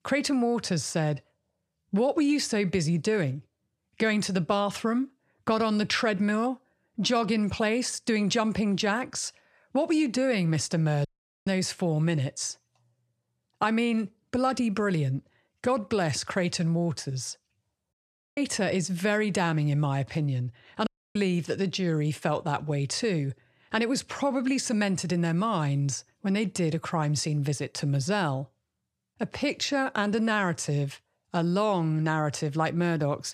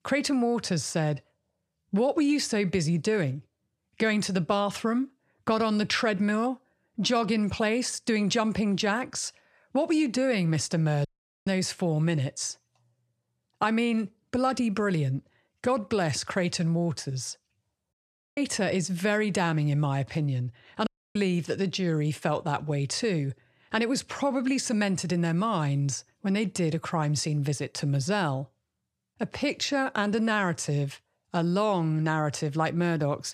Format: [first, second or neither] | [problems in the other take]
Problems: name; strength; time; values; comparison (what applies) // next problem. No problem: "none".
neither | audio cutting out; at 11 s, at 18 s and at 21 s; the same in both